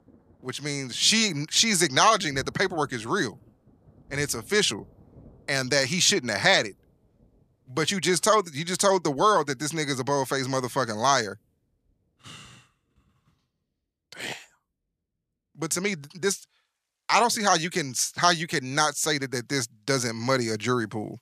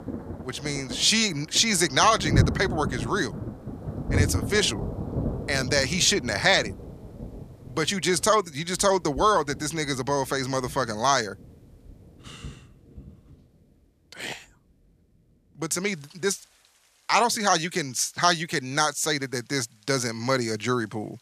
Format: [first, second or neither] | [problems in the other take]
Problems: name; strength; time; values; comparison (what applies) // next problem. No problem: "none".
first | rain or running water; loud; throughout; 8 dB below the speech; faint in the first